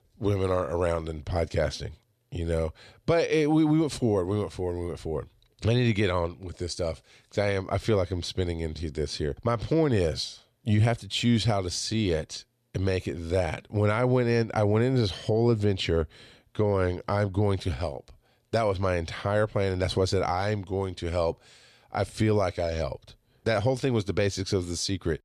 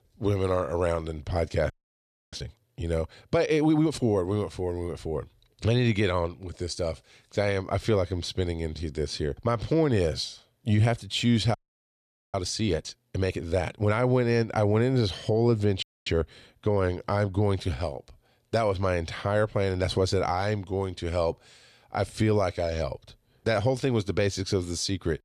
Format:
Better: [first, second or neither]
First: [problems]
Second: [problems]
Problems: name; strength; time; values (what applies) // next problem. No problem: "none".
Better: first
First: none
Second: audio freezing; at 1.5 s for 0.5 s, at 12 s for 1 s and at 16 s